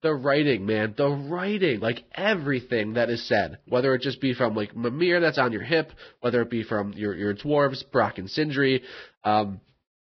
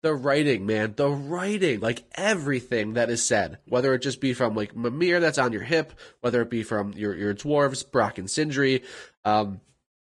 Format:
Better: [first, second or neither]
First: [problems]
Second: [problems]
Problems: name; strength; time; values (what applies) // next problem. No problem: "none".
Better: second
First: garbled, watery; badly; nothing above 5 kHz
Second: garbled, watery; slightly